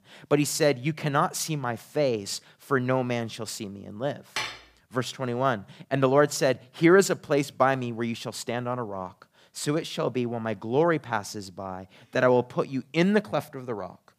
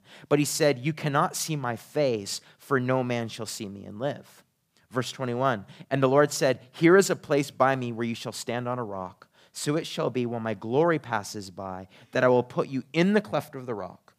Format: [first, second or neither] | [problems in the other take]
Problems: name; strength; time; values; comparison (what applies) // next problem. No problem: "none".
second | clattering dishes; noticeable; at 4.5 s; peak 5 dB below the speech